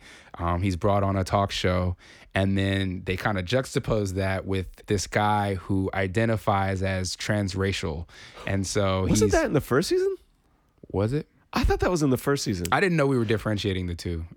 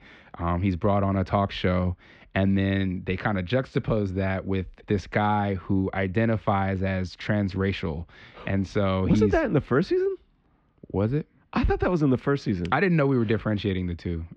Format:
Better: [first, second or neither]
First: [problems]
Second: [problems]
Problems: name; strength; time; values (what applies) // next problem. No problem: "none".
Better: first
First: none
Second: muffled; slightly; fading above 3.5 kHz